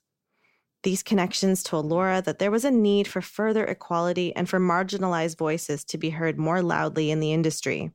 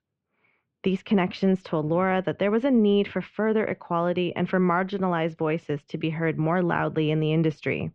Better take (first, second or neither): first